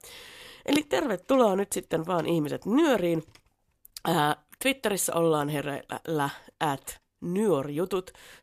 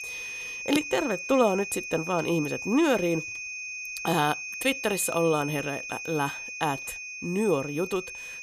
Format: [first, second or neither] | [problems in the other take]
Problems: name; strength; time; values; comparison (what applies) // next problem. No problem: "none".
first | high-pitched whine; loud; throughout; 2.5 kHz, 7 dB below the speech